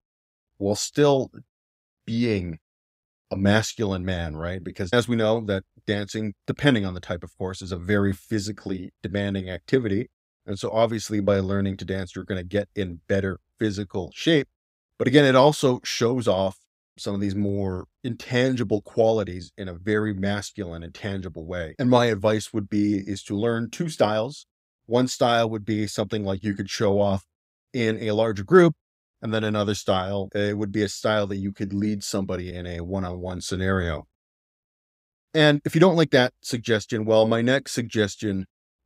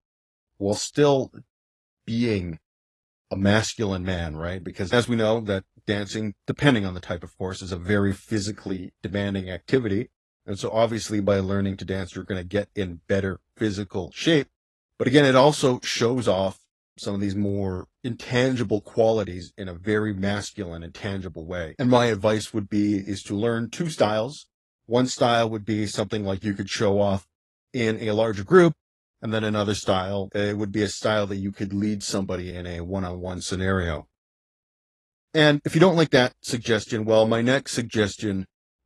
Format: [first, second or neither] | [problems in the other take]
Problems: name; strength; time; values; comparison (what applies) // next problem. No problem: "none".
first | garbled, watery; slightly; nothing above 11.5 kHz